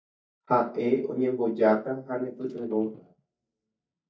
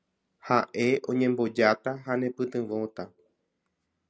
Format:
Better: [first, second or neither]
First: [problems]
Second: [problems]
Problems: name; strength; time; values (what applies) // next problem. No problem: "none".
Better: second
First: noise reduction (neural mask model DeepFilterNet 3)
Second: none